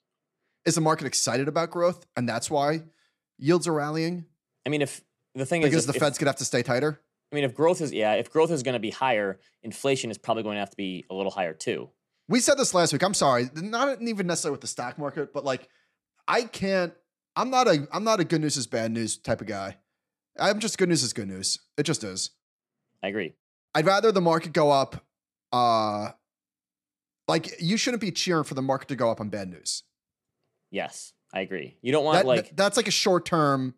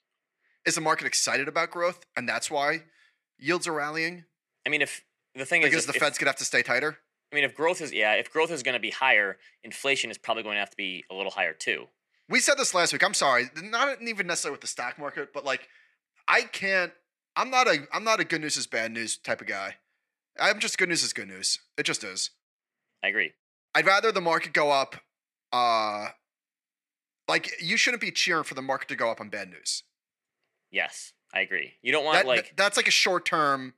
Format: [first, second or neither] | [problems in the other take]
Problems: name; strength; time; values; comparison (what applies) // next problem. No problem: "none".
first | thin; somewhat; fading below 1 kHz